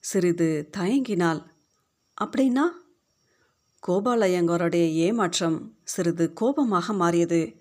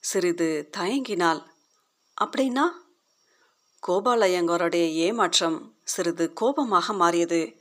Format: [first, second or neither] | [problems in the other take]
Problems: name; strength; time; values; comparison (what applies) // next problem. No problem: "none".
first | thin; somewhat; fading below 350 Hz